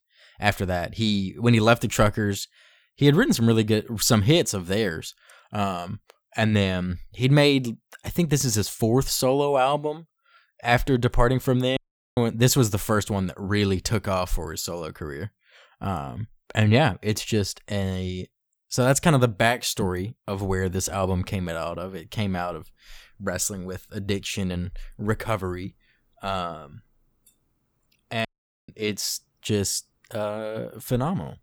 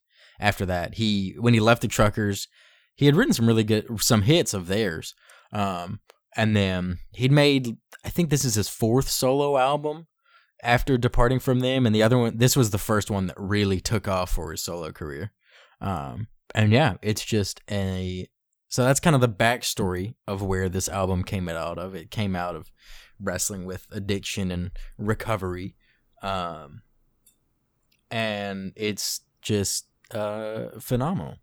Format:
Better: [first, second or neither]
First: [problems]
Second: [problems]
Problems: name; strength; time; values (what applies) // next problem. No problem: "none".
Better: second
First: audio cutting out; at 12 s and at 28 s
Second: none